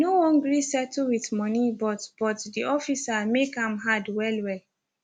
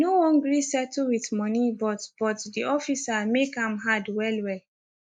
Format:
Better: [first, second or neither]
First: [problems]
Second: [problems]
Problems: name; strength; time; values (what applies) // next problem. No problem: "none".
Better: first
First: none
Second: noise reduction (neural mask model Resemble Enhance denoiser)